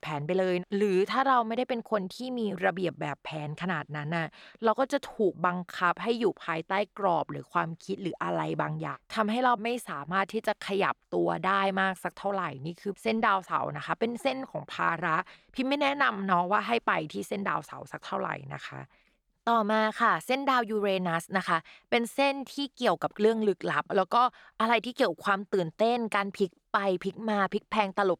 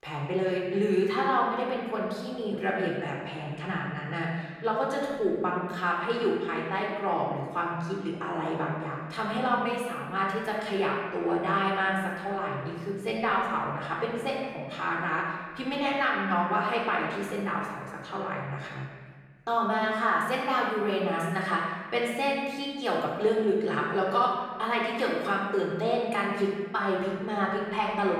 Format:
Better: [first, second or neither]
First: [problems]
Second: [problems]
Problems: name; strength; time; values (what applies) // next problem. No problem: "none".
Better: first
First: none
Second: off-mic speech; far // room echo; noticeable; dies away in 1.5 s